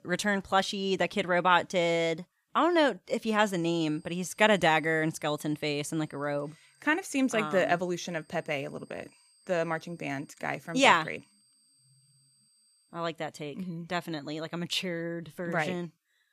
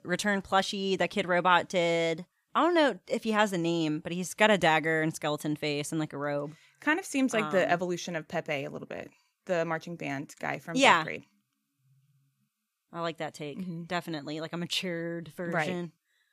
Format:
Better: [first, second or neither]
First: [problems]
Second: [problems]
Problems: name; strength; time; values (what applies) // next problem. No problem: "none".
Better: second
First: high-pitched whine; faint; from 3.5 to 13 s; 8.5 kHz, 35 dB below the speech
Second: none